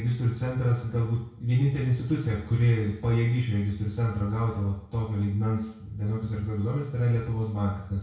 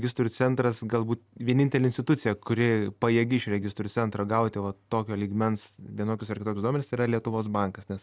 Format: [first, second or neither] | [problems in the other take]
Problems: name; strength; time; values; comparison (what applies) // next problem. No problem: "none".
second | room echo; dies away in 0.6 s